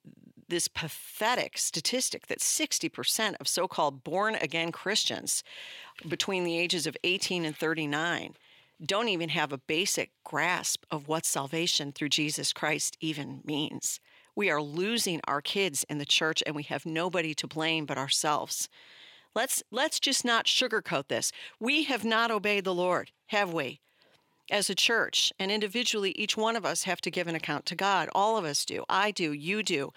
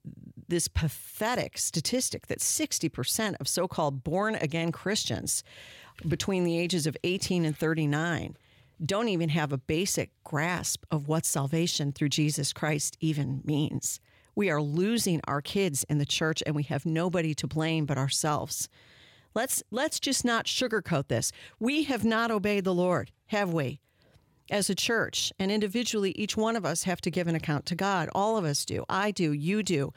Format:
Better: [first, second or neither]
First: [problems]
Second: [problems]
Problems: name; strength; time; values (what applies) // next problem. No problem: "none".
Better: second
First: thin; somewhat; fading below 250 Hz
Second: none